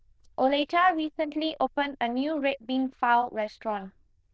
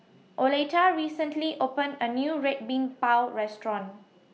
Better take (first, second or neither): second